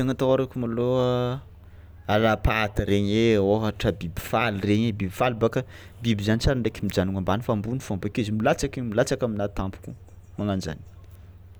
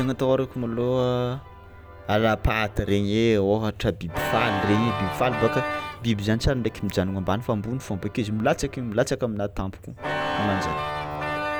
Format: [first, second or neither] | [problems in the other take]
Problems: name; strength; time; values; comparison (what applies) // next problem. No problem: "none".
first | background sound (Organ); 8 dB below the speech